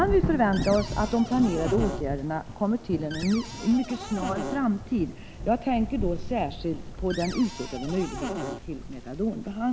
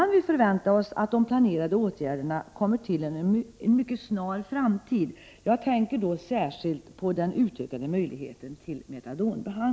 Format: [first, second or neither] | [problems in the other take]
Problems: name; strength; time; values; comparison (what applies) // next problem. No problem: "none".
second | background sound (Thunder / Rain + Cupboard open or close); 6 dB below the speech